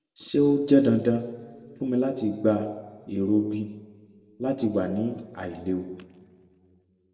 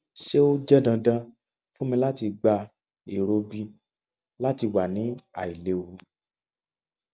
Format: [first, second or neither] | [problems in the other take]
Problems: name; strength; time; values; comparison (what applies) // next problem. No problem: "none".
second | room echo; dies away in 1.2 s